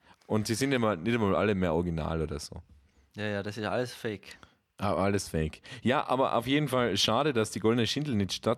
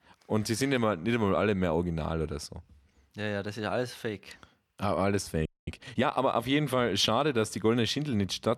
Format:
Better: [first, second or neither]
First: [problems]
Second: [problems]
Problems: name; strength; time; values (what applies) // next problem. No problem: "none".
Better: first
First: none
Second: audio freezing; at 5.5 s